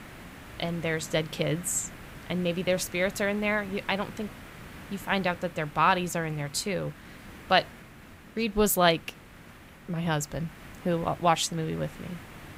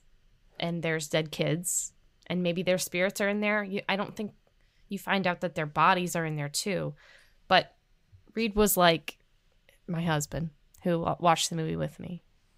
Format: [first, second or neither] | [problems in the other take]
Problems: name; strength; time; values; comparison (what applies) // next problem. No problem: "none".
second | hiss; noticeable; throughout; 20 dB below the speech